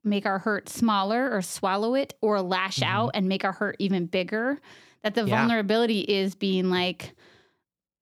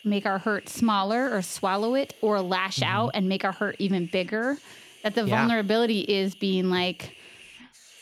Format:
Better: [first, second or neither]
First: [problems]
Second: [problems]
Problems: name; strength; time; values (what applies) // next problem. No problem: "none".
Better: first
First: none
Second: hiss; faint; throughout; 25 dB below the speech